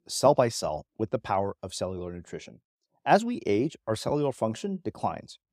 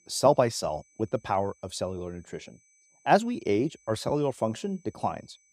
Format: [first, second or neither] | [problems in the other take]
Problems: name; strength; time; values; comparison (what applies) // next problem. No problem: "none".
first | high-pitched whine; faint; throughout; 6 kHz, 35 dB below the speech